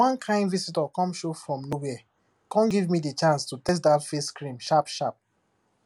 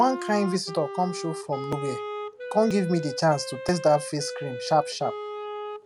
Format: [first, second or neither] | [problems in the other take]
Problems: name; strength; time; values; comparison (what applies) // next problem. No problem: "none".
first | background sound (Wind instrument, woodwind instrument); 9 dB below the speech